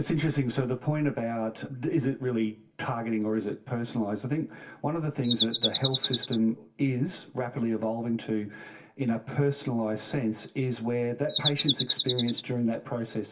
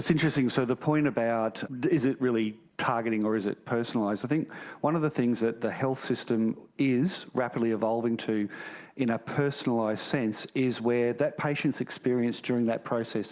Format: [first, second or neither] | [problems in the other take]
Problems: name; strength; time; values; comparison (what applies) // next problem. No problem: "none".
second | background sound (Bird vocalization, bird call, bird song); as loud as the speech // room echo; dies away in 0.2 s